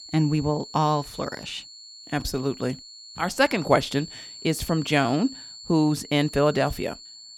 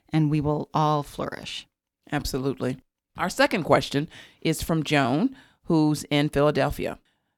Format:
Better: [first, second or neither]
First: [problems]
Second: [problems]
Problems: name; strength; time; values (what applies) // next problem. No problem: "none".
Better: second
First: high-pitched whine; noticeable; throughout; 4.5 kHz, 15 dB below the speech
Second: none